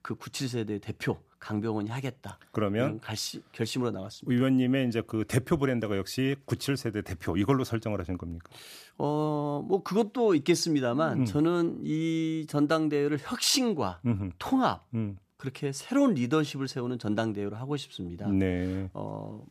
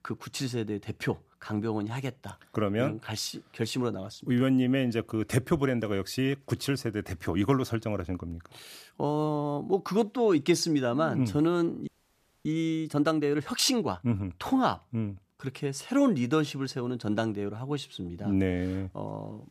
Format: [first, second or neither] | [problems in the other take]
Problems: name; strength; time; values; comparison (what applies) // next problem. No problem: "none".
first | audio freezing; at 12 s for 0.5 s